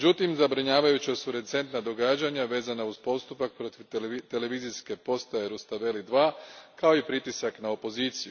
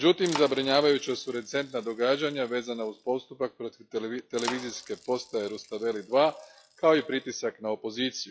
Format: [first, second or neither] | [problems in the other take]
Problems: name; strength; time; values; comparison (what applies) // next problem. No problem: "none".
first | noise reduction (classical method log-MMSE)